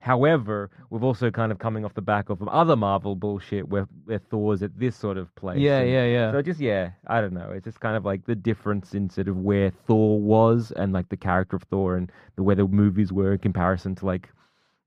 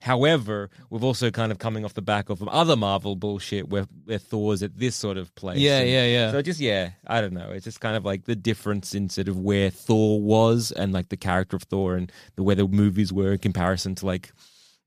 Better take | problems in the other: second | muffled; very; fading above 3 kHz

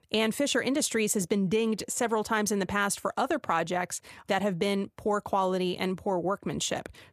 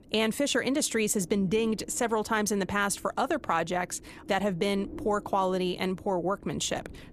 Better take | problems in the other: first | wind noise on the microphone; occasional gusts; 25 dB below the speech

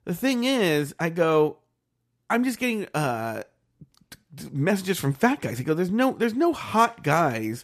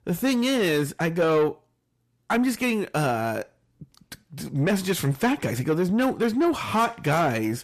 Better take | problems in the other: first | distortion; slight; 10 dB below the speech

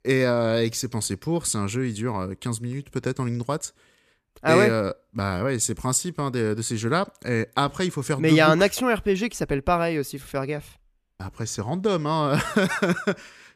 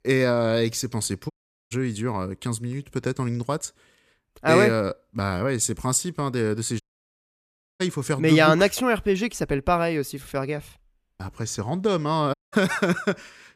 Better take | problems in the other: first | audio cutting out; at 1.5 s, at 7 s for 1 s and at 12 s

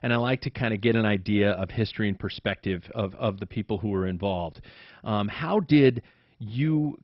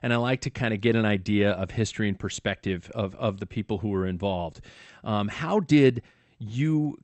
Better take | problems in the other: second | garbled, watery; badly; nothing above 5.5 kHz; slightly in the second

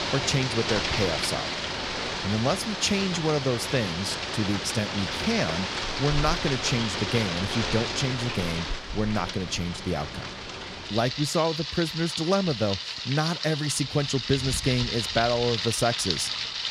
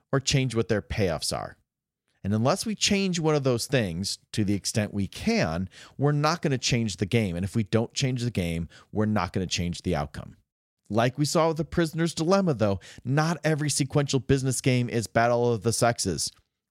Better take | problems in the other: second | rain or running water; loud; throughout; 2 dB below the speech

